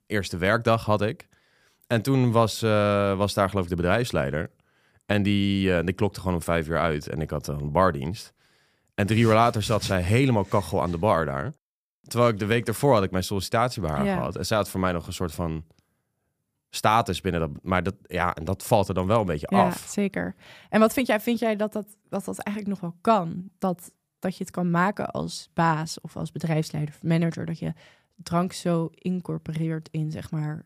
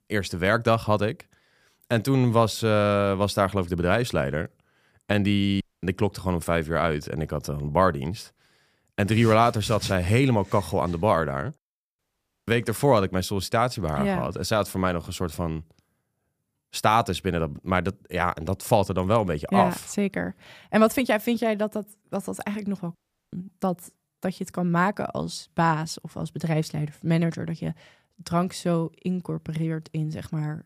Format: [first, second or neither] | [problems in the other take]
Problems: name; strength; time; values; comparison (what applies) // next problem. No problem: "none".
first | audio cutting out; at 5.5 s, at 12 s and at 23 s